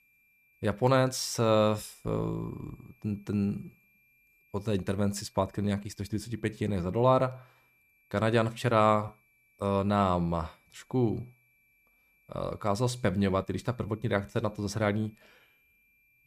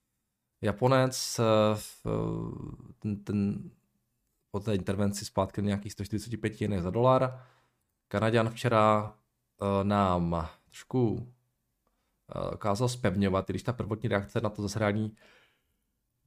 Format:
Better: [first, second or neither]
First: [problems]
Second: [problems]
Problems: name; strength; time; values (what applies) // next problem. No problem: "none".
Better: second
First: high-pitched whine; faint; throughout; 2.5 kHz, 35 dB below the speech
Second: none